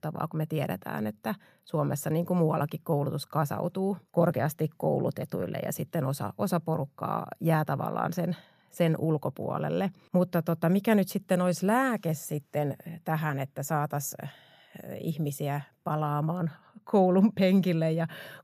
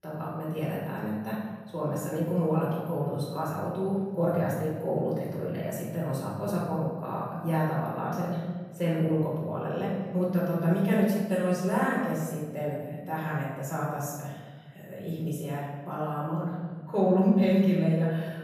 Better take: first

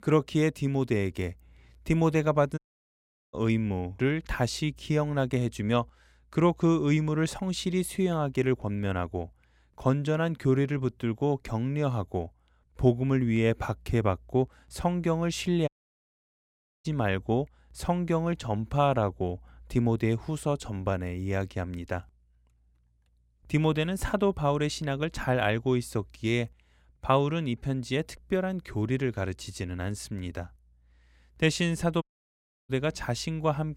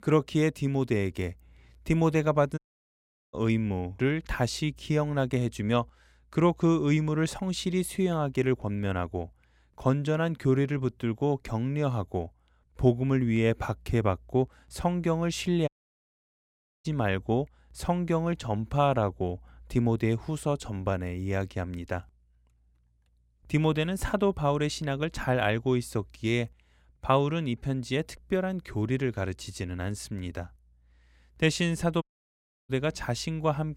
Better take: neither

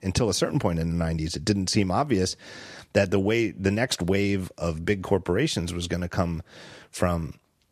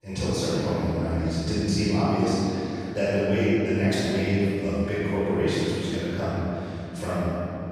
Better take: first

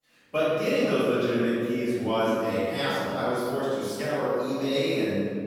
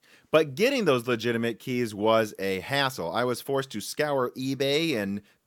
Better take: second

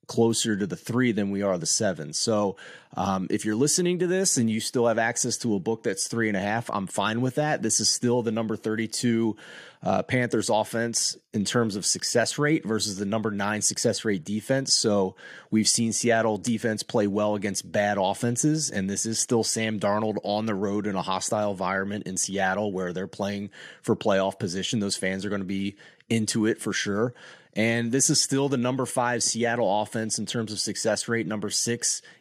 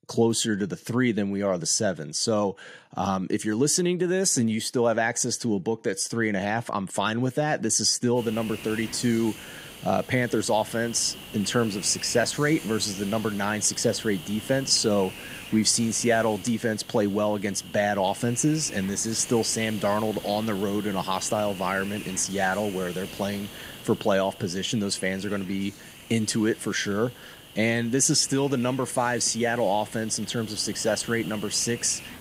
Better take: first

